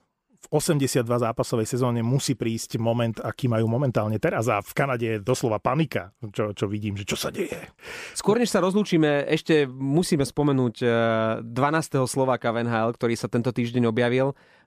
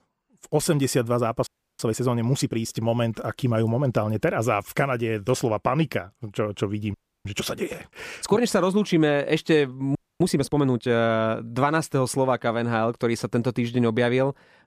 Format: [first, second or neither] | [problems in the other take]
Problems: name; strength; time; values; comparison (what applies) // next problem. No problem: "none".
first | audio freezing; at 1.5 s, at 7 s and at 10 s